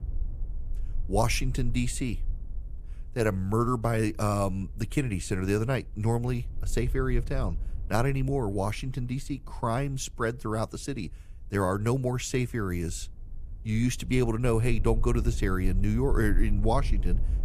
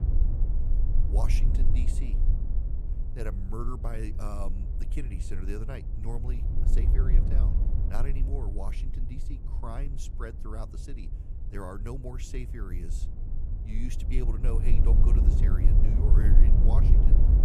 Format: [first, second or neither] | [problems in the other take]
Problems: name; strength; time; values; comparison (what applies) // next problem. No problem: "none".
first | low rumble; loud; throughout; 2 dB below the speech; faint in the first